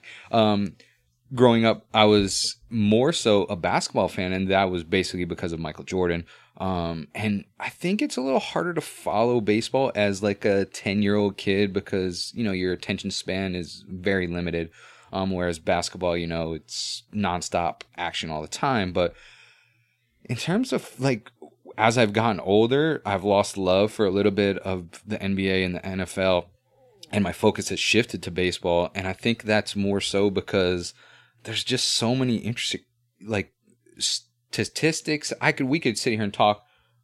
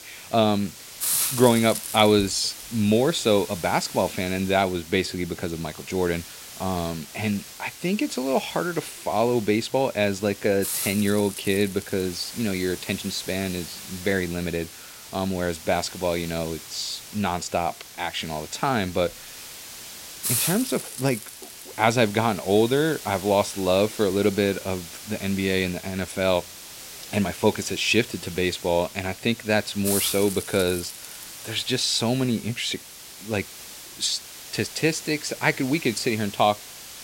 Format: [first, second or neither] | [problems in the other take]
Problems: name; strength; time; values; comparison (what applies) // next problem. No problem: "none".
first | hiss; loud; throughout; 9 dB below the speech